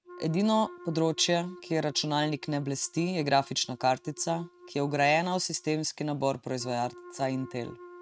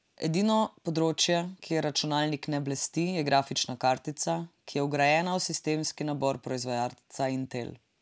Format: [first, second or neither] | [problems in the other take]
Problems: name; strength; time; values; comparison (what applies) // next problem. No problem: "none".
second | noise reduction (neural mask model RNNoise)